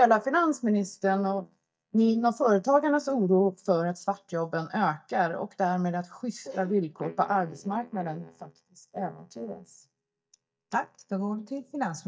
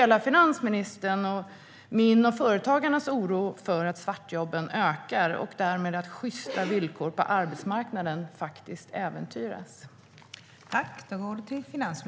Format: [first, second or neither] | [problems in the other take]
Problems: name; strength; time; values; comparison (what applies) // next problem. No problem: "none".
second | noise reduction (neural mask model DeepFilterNet 3)